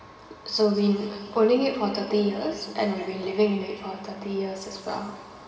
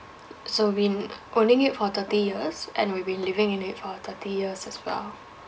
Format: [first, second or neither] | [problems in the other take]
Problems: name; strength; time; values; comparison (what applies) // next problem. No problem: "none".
second | room echo; dies away in 2.3 s